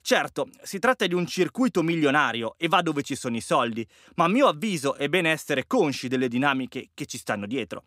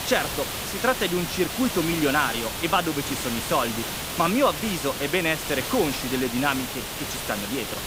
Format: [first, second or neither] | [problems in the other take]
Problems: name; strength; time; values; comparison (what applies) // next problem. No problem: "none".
first | hiss; loud; throughout; 4 dB below the speech